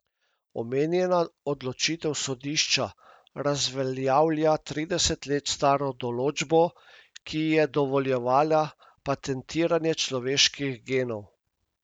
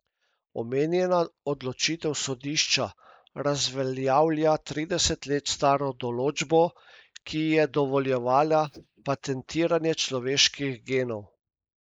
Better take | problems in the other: first | noise reduction (neural mask model Resemble Enhance denoiser)

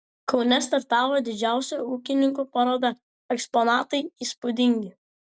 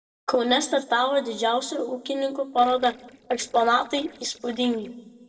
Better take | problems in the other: first | noise reduction (neural separator model SepFormer DNS4)

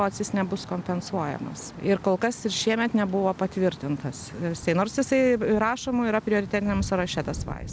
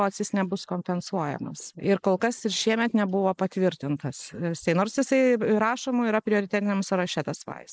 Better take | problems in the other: first | noise reduction (neural mask model Resemble Enhance denoiser)

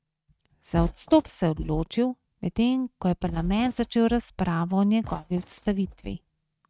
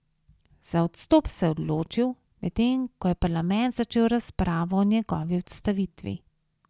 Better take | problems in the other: second | noise reduction (neural mask model RNNoise)

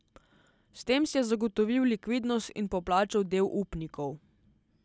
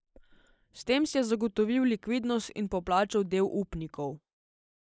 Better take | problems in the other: first | noise reduction (neural mask model Resemble Enhance denoiser)

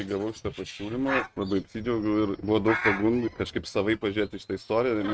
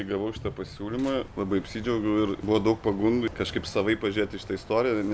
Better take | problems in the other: second | noise reduction (neural mask model RNNoise)

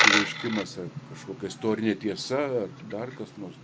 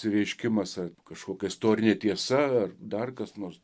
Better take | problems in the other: second | background sound (Coin (dropping)); 1 dB above the speech

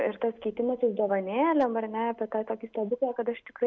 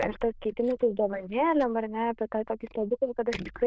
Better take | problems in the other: first | noise reduction (neural diffusion model UNIVERSE++)

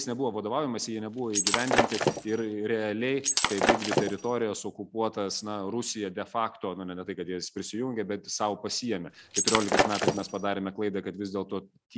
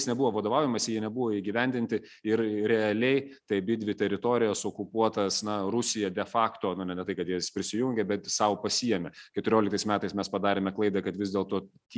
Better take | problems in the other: second | background sound (Shatter); 3 dB above the speech

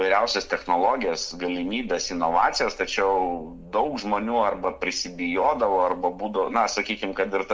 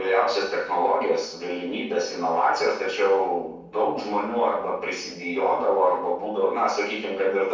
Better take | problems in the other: first | room echo; dies away in 0.6 s

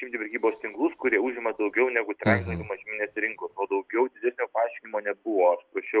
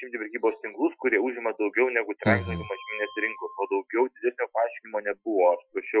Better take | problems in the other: first | noise reduction (classical method Wiener filter)

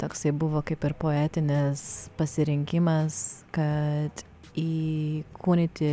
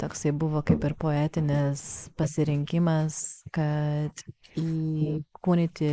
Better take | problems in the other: first | noise reduction (neural mask model Resemble Enhance denoiser)

